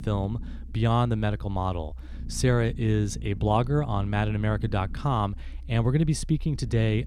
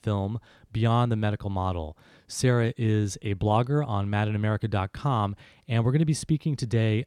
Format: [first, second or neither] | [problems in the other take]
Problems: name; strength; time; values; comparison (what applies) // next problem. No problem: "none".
second | low rumble; faint; throughout; 20 dB below the speech